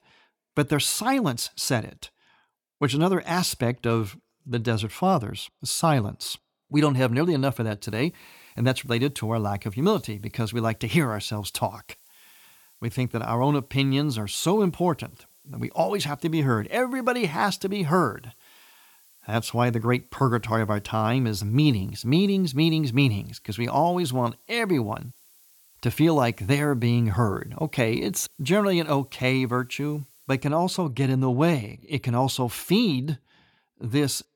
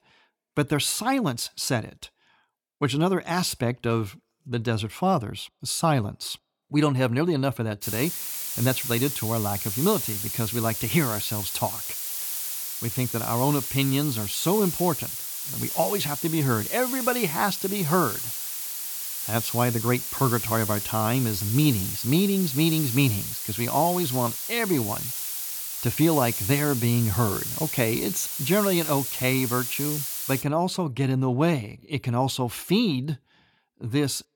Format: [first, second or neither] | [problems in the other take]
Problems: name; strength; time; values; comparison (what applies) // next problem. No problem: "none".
first | hiss; loud; from 8 to 30 s; 3 dB below the speech; faint in the first